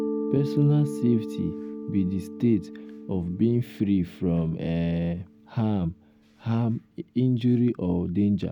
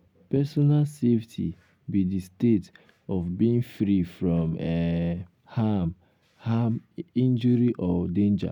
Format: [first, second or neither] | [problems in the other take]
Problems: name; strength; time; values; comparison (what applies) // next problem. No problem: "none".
second | background sound (Mallet percussion); 11 dB below the speech